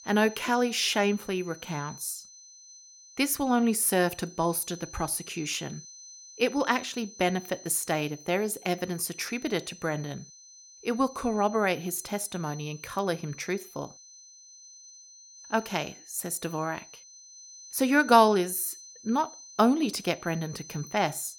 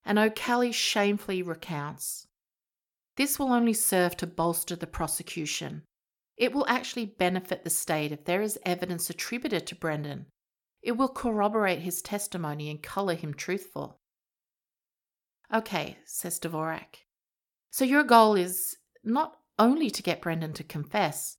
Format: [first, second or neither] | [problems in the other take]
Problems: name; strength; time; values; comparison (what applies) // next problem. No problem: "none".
second | high-pitched whine; noticeable; throughout; 6 kHz, 20 dB below the speech